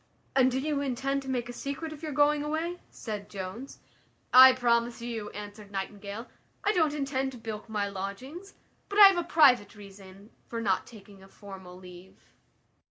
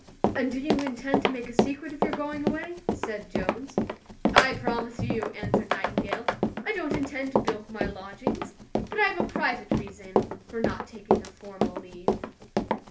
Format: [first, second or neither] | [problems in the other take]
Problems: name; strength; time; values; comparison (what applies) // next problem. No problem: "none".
first | background sound (Run); 5 dB above the speech // room echo; dies away in 0.3 s